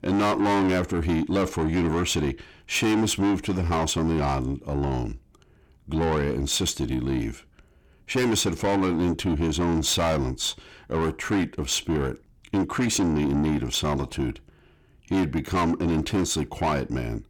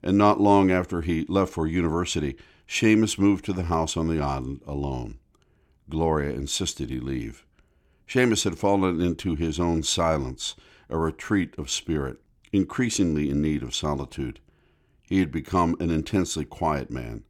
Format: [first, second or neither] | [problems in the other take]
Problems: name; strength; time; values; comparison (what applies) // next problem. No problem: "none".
second | distortion; heavy; 7 dB below the speech